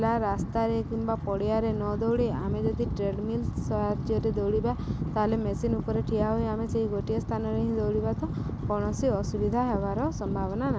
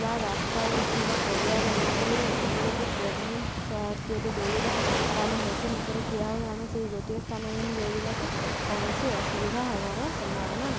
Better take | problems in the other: first | background sound (Waves, surf); 1 dB above the speech

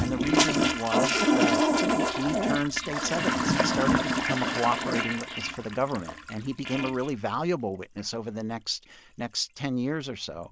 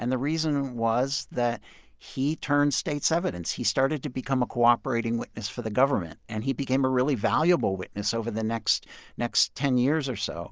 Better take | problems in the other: second | background sound (Toilet flush); 3 dB above the speech

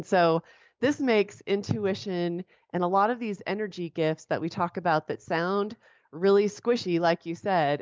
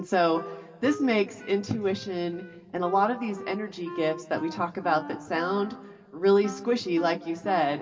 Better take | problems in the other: first | background sound (Wind instrument, woodwind instrument); 15 dB below the speech // room echo; dies away in 1.9 s

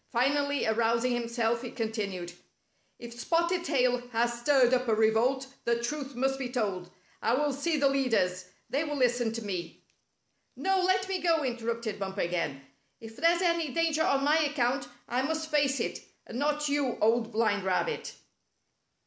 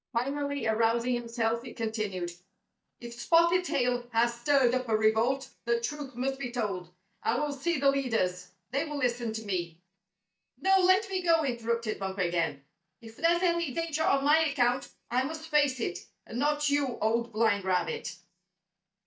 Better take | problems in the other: first | noise reduction (neural mask model DeepFilterNet 3)

